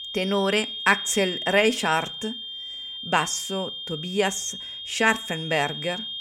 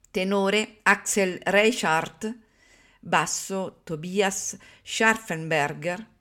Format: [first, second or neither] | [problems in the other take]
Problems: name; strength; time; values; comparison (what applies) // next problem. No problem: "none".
second | high-pitched whine; loud; throughout; 3 kHz, 7 dB below the speech